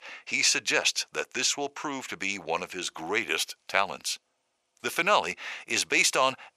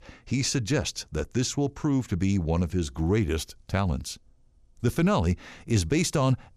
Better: second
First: thin; very; fading below 750 Hz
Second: none

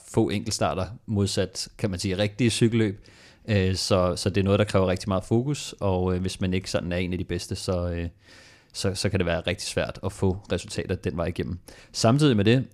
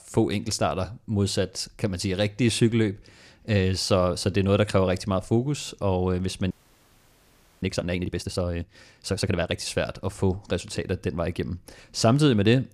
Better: first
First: none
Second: audio freezing; at 6.5 s for 1 s

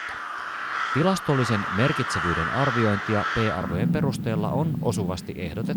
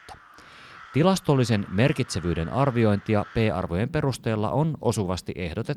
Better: second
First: animal sounds; loud; throughout; 2 dB below the speech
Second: animal sounds; faint; throughout; 20 dB below the speech

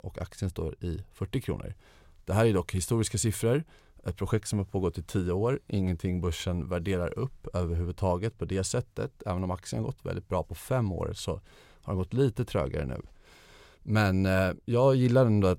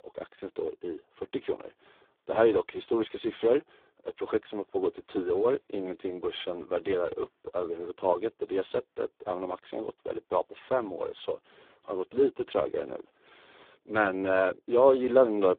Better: first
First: none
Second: phone-call audio; poor line

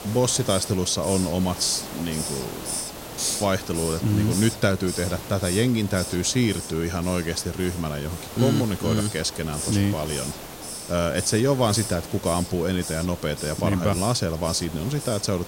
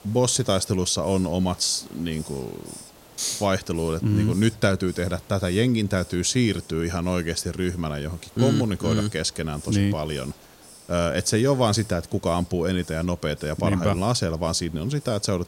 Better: second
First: hiss; loud; throughout; 8 dB below the speech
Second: hiss; faint; throughout; 20 dB below the speech

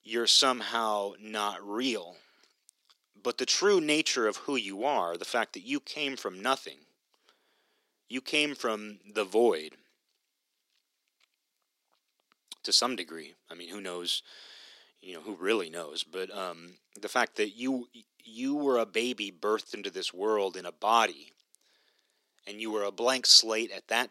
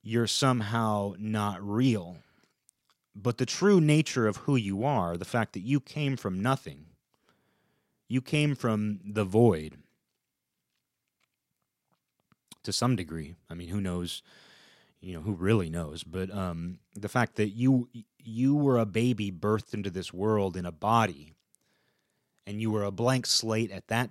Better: second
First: thin; somewhat; fading below 300 Hz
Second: none

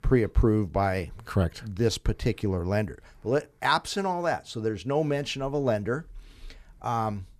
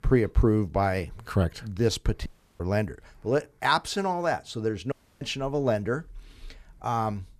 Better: first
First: none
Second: audio cutting out; at 2.5 s and at 5 s

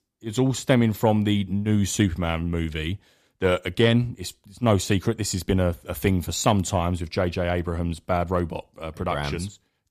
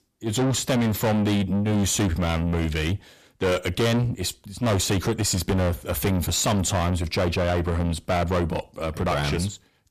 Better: first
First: none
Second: distortion; heavy; 5 dB below the speech

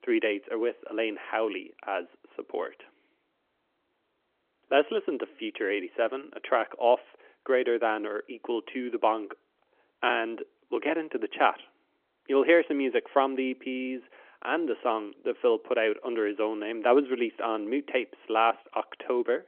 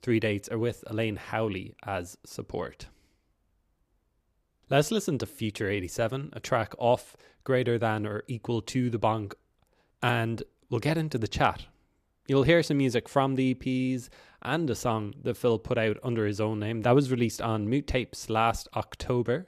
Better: second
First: phone-call audio; nothing above 3.5 kHz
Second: none

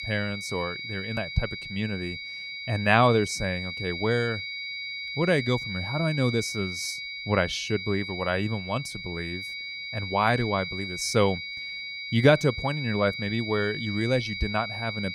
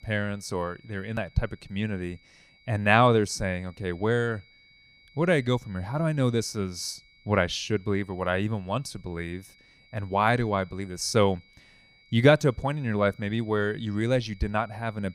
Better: second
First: high-pitched whine; loud; throughout; 2 kHz, 6 dB below the speech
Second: high-pitched whine; faint; throughout; 2 kHz, 30 dB below the speech

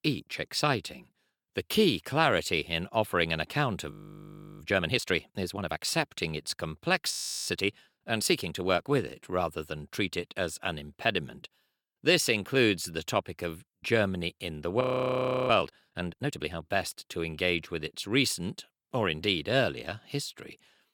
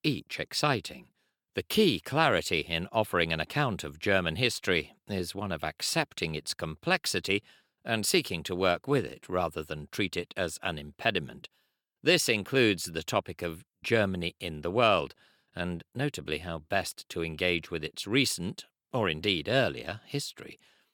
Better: second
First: audio freezing; at 4 s for 0.5 s, at 7 s and at 15 s for 0.5 s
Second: none

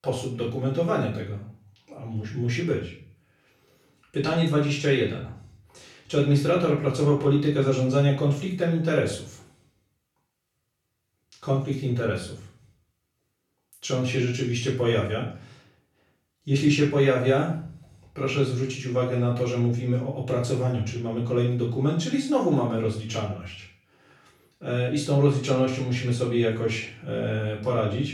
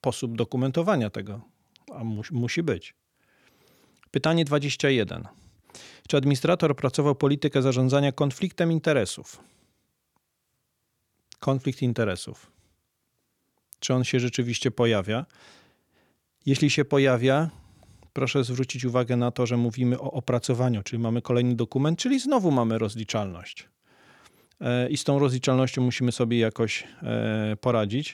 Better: second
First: off-mic speech; far // room echo; noticeable; dies away in 0.4 s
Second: none

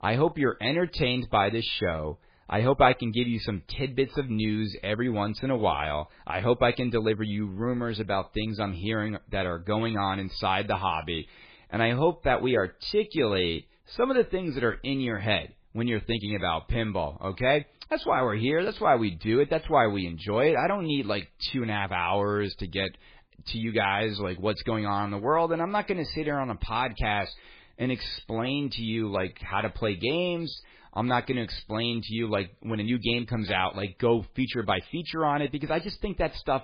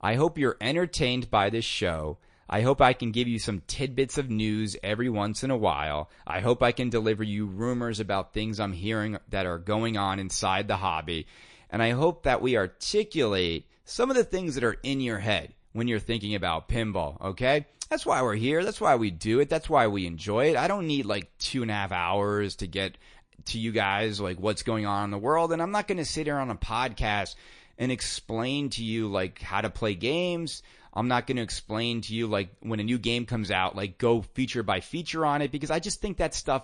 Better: second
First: garbled, watery; badly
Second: garbled, watery; slightly

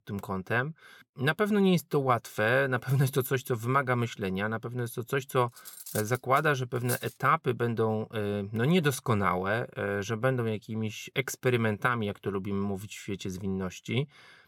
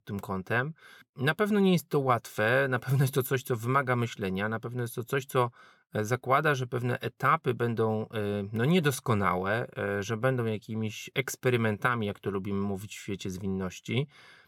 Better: second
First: clattering dishes; noticeable; from 5.5 to 7 s; peak 8 dB below the speech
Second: none

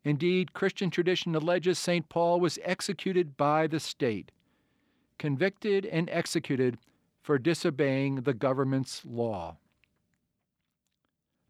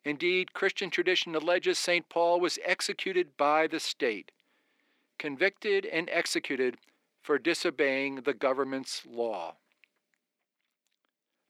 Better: first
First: none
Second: thin; somewhat; fading below 350 Hz

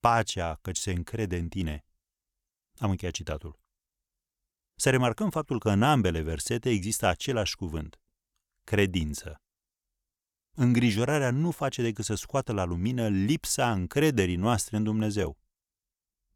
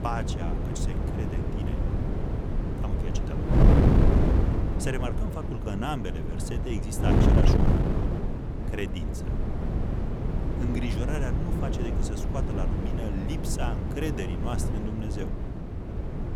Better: first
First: none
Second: wind noise on the microphone; heavy; 2 dB above the speech

